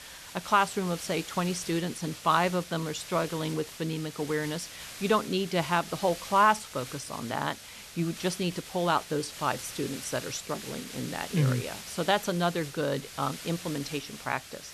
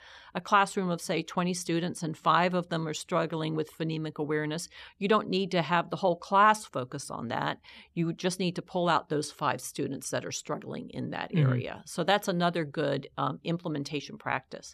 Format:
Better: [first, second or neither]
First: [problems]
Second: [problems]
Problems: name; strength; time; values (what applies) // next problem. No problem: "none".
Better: second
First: hiss; noticeable; throughout; 10 dB below the speech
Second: none